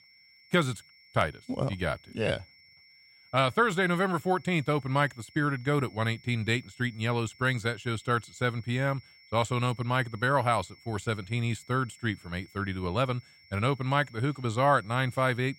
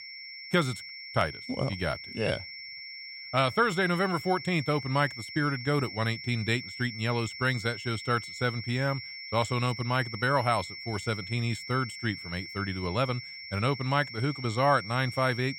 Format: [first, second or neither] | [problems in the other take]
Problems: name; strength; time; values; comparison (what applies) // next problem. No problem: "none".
first | high-pitched whine; loud; throughout; 5.5 kHz, 10 dB below the speech; faint in the first